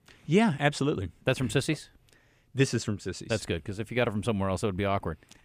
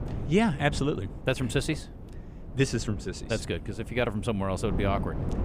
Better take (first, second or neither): first